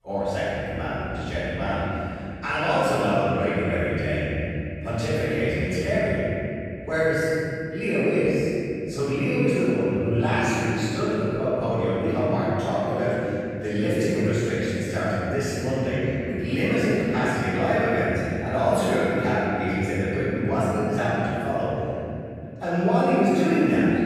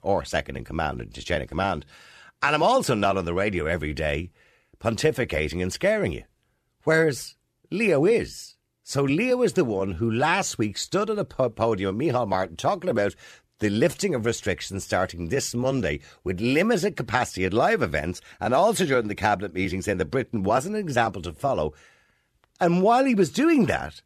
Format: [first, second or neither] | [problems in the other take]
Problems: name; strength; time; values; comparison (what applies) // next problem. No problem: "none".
second | off-mic speech; far // room echo; strong; dies away in 3 s